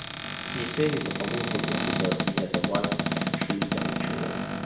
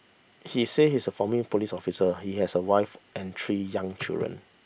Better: second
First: background sound (Cupboard open or close); 3 dB above the speech // room echo; dies away in 1 s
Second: none

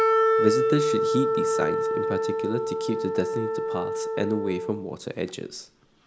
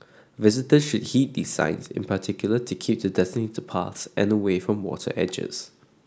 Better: second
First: background sound (Wind instrument, woodwind instrument); 4 dB above the speech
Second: none

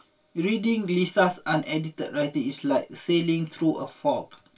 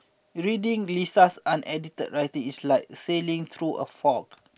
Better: second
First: room echo; dies away in 0.2 s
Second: none

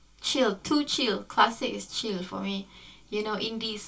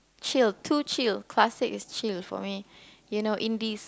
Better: second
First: room echo; dies away in 0.2 s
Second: none

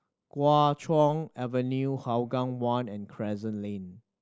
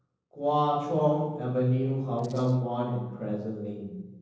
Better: first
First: none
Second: noise reduction (neural separator model SepFormer DNS4)

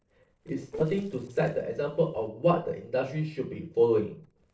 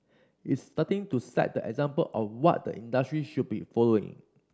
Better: second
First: noise reduction (neural separator model SepFormer DNS4)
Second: none

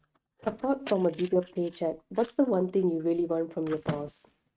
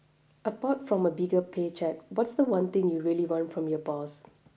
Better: second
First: noise reduction (neural mask model RNNoise)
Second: none

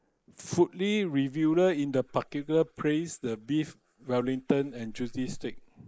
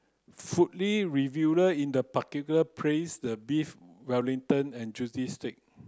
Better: second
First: noise reduction (neural mask model Resemble Enhance denoiser)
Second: none

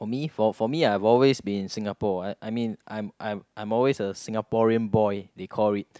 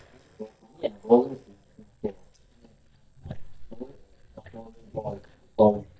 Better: first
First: none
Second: noise reduction (neural mask model DeepFilterNet 3)

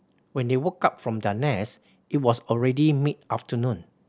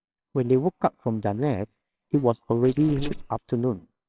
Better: first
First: none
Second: noise reduction (neural separator model SepFormer WHAMR!)

